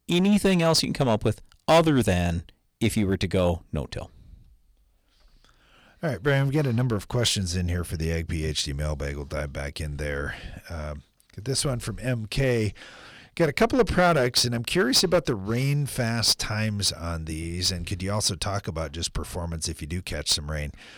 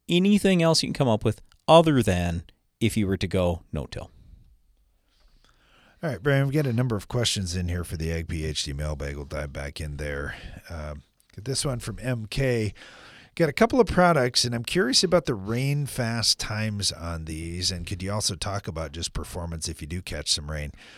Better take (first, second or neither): second